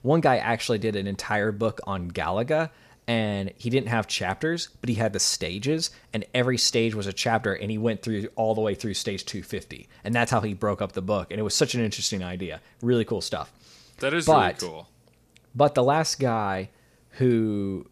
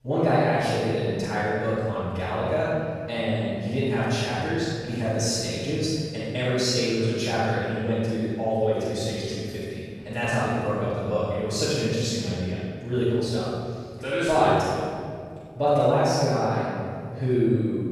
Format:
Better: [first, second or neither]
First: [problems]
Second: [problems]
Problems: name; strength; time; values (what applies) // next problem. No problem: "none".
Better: first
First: none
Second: room echo; strong; dies away in 2.3 s // off-mic speech; far